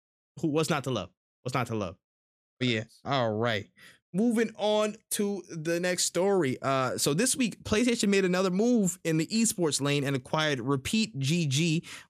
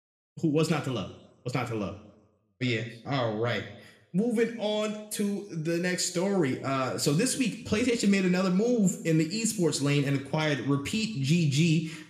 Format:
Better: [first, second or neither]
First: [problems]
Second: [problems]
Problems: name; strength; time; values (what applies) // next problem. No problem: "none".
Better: first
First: none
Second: room echo; slight; dies away in 0.6 s